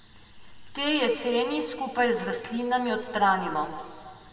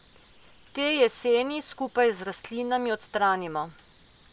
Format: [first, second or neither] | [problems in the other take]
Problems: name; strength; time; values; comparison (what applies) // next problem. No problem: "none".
second | room echo; dies away in 2 s